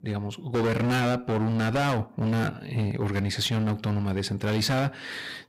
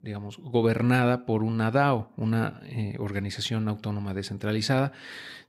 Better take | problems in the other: second | distortion; heavy; 21% of the sound clipped

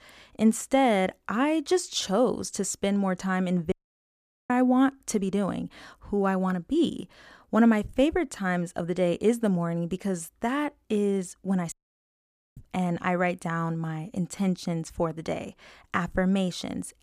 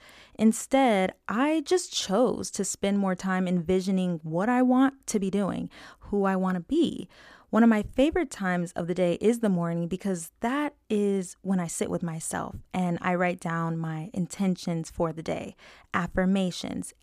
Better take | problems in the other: second | audio cutting out; at 3.5 s for 1 s and at 12 s for 1 s

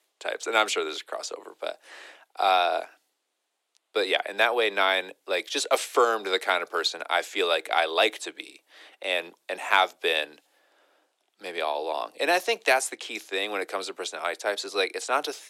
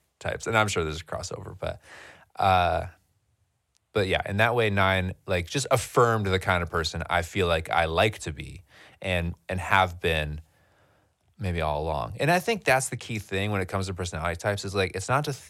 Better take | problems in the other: second | thin; very; fading below 300 Hz

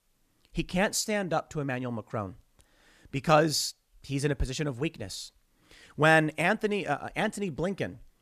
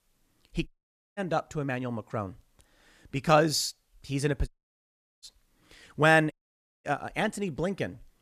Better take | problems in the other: first | audio cutting out; at 0.5 s, at 4.5 s for 0.5 s and at 6.5 s for 0.5 s

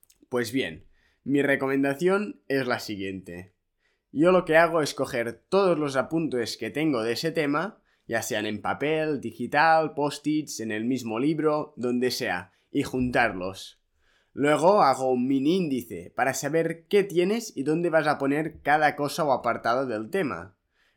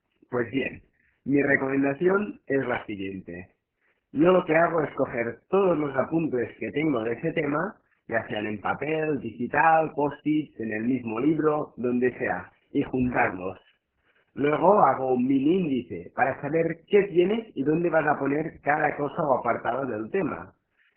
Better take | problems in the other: first | garbled, watery; badly; nothing above 3 kHz

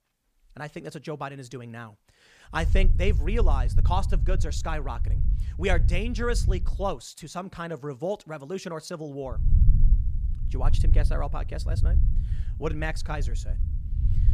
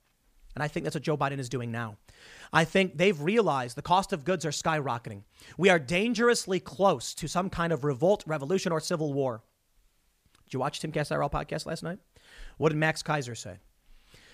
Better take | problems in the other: second | low rumble; noticeable; from 2.5 to 7 s and from 9.5 s on; 15 dB below the speech

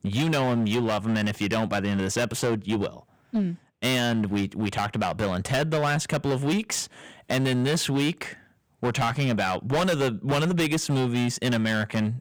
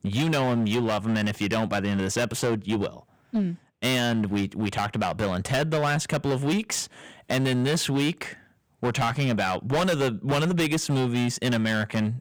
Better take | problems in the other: neither | distortion; heavy; 19% of the sound clipped; the same in both

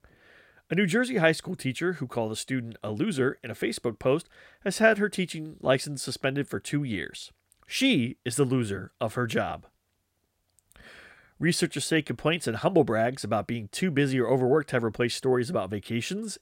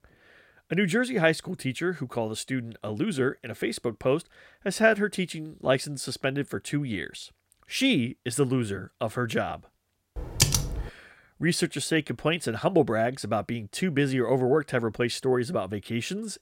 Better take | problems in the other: first | keyboard typing; loud; at 10 s; peak 4 dB above the speech

